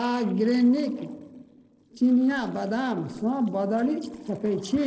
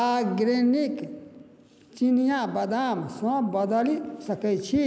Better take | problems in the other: second | noise reduction (neural separator model SepFormer DNS4)

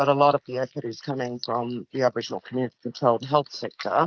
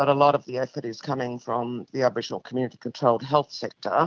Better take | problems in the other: second | noise reduction (neural mask model Resemble Enhance denoiser)

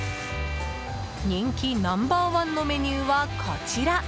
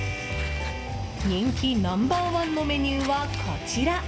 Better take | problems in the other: first | background sound (Walk, footsteps); 17 dB below the speech // room echo; dies away in 1.6 s

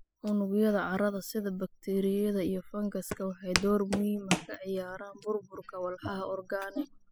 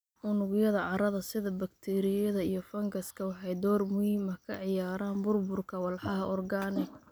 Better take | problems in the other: second | noise reduction (classical method spectral subtraction)

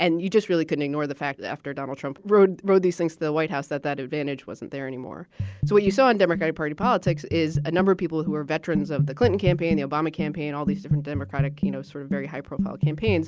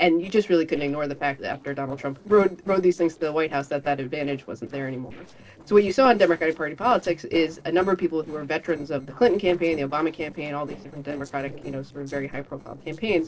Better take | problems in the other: first | noise reduction (neural separator model SepFormer DNS4)

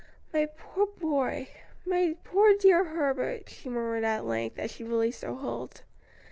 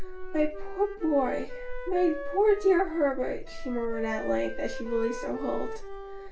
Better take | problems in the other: first | background sound (Wind instrument, woodwind instrument); 12 dB below the speech // room echo; dies away in 0.3 s

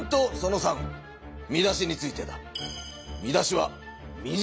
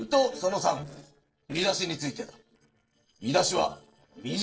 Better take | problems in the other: first | noise reduction (neural separator model SepFormer DNS4)

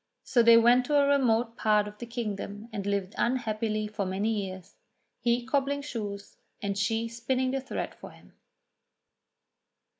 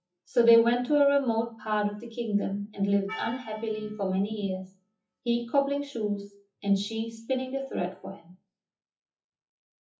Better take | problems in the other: first | noise reduction (classical method WPE with log-MMSE)

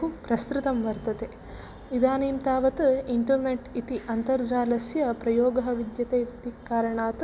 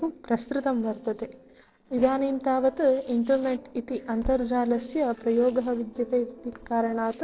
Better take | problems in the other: first | noise reduction (neural separator model SepFormer DNS4)

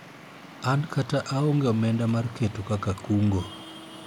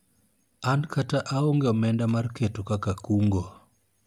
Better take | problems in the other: second | background sound (Traffic noise, roadway noise); 17 dB below the speech

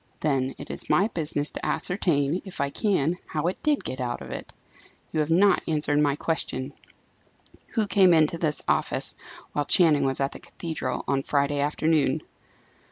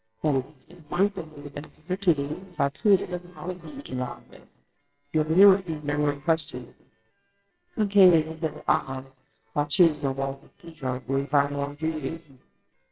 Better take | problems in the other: first | noise reduction (neural separator model SepFormer WHAMR!)

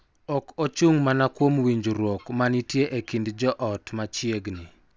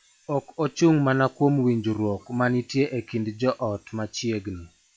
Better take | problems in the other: first | noise reduction (classical method log-MMSE)

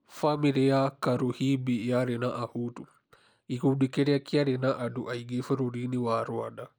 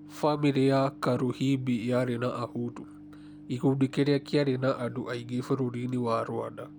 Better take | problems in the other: first | background sound (Microwave oven); 18 dB below the speech

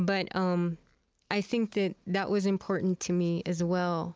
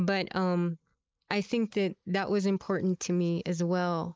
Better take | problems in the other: first | noise reduction (neural mask model Resemble Enhance denoiser)

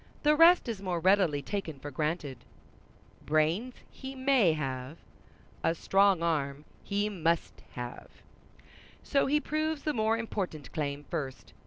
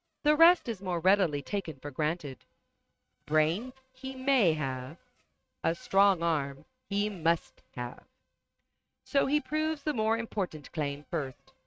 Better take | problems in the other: first | noise reduction (neural mask model RNNoise)

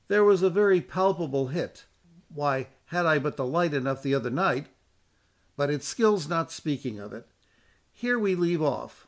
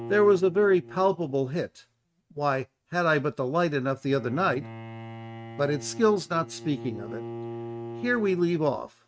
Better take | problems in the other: first | noise reduction (neural mask model RNNoise)

